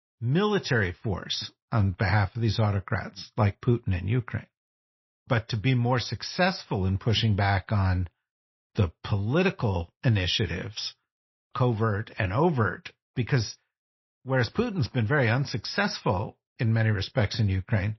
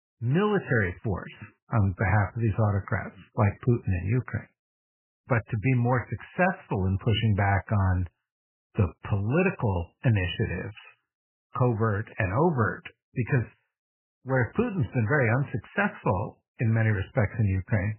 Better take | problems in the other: first | garbled, watery; badly; nothing above 3 kHz; slightly in the first

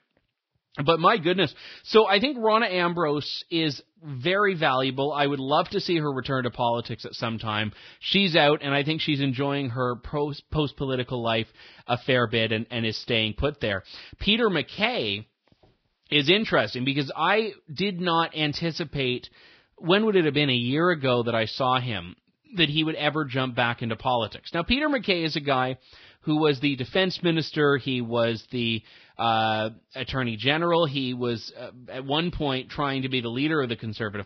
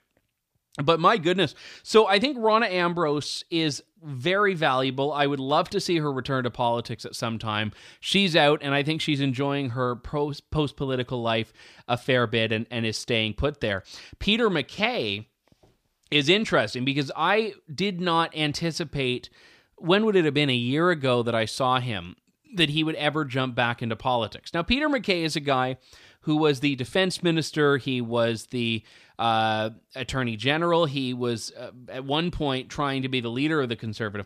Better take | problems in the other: second | garbled, watery; badly; nothing above 5.5 kHz

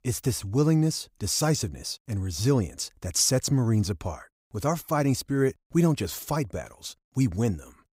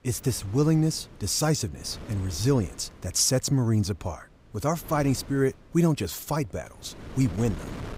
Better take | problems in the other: first | wind noise on the microphone; occasional gusts; 20 dB below the speech

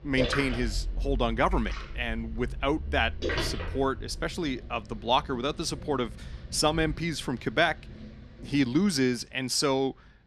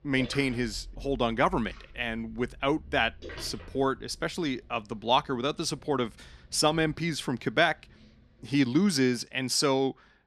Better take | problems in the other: second | rain or running water; loud; throughout; 8 dB below the speech; faint in the second

